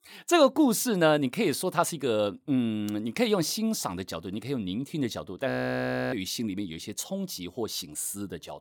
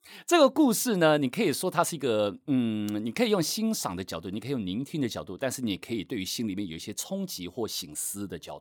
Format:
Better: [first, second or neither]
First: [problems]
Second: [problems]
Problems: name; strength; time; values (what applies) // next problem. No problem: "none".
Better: second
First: audio freezing; at 5.5 s for 0.5 s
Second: none